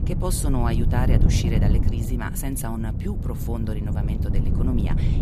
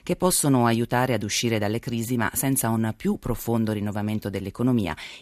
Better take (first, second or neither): second